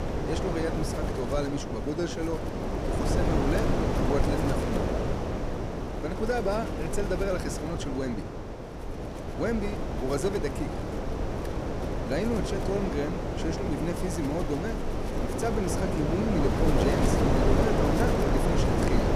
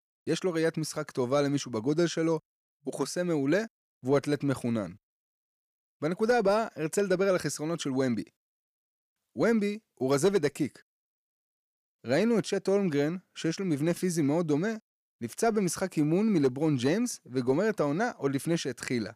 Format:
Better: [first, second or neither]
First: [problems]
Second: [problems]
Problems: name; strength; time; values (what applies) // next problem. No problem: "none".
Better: second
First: wind noise on the microphone; heavy; 1 dB above the speech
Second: none